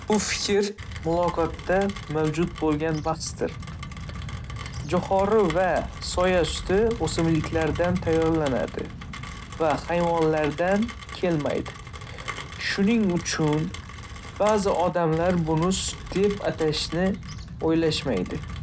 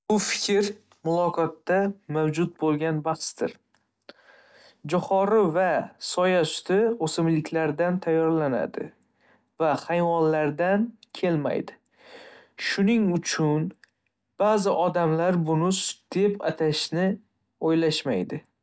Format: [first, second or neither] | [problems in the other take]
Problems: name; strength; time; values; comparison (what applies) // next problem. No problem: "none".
second | background sound (Rain); 10 dB below the speech